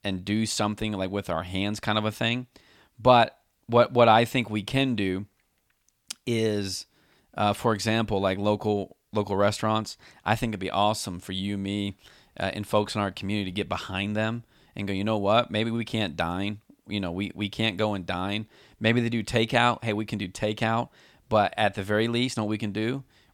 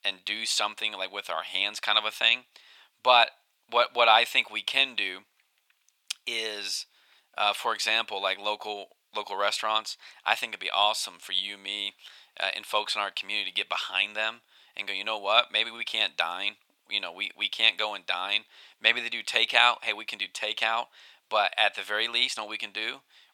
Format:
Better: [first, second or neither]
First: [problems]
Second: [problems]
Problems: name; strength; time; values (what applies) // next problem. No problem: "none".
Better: first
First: none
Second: thin; very; fading below 900 Hz